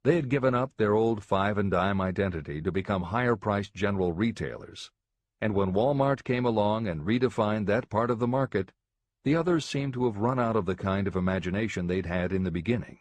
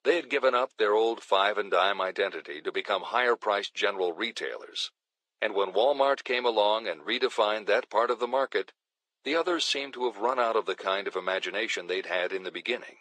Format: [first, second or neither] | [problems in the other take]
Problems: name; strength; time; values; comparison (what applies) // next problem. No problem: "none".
first | thin; very; fading below 400 Hz